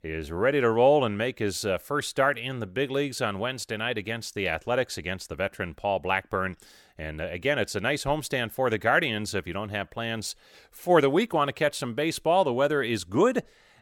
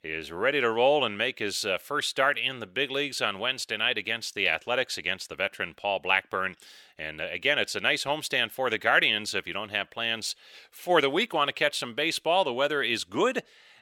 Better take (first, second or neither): first